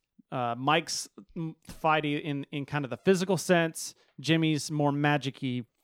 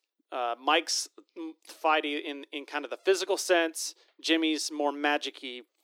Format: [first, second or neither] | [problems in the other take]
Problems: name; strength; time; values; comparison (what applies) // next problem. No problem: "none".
first | thin; somewhat; fading below 300 Hz